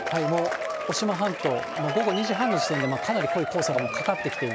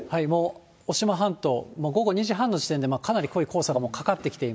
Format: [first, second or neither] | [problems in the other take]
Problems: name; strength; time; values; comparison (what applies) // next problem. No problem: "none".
second | background sound (Applause / Crowd / Cheering); 2 dB below the speech